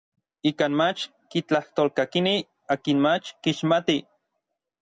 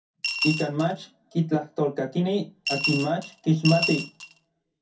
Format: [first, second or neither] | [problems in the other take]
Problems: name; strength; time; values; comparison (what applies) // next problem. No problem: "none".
first | background sound (Coin (dropping) / Glass); 5 dB below the speech // room echo; dies away in 0.3 s